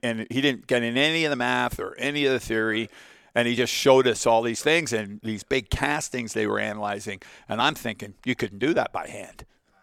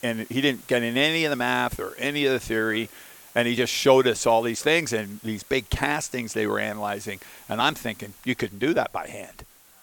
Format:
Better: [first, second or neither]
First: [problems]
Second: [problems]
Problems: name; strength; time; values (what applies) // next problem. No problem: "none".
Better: first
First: none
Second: hiss; faint; throughout; 20 dB below the speech